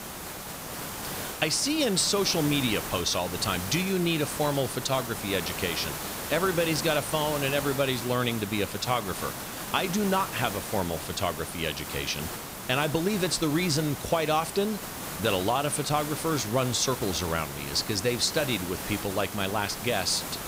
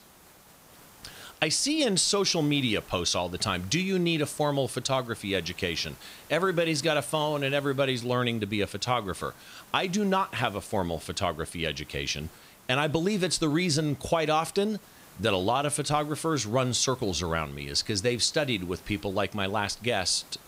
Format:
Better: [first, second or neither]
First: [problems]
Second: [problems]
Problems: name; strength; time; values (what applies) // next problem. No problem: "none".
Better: second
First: hiss; loud; throughout; 7 dB below the speech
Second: hiss; faint; throughout; 25 dB below the speech